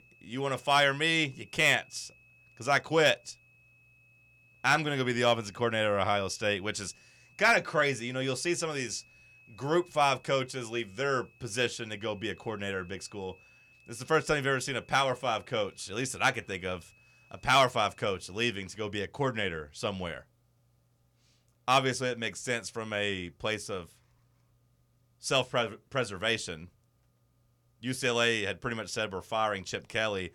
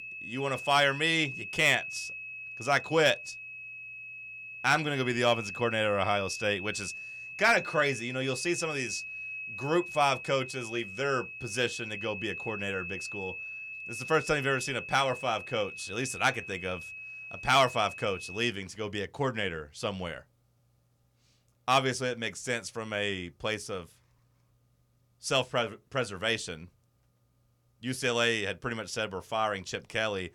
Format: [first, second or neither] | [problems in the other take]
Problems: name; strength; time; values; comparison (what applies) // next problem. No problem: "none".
first | high-pitched whine; loud; until 18 s; 2.5 kHz, 9 dB below the speech; faint in the first